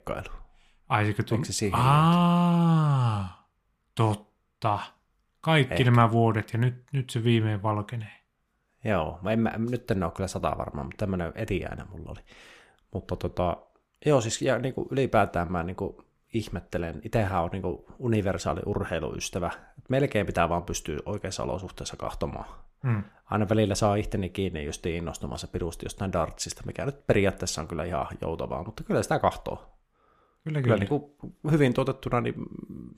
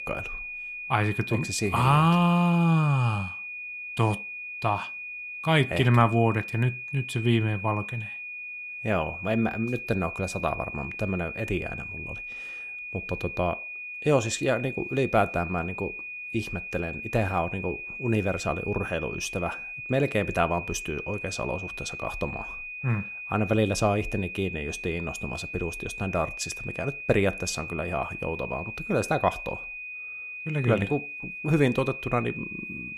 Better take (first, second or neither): first